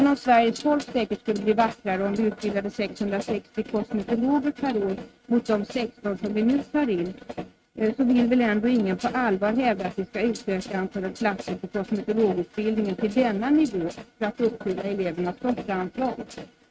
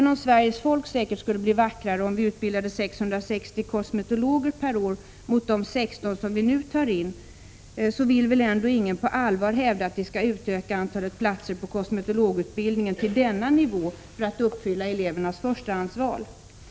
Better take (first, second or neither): second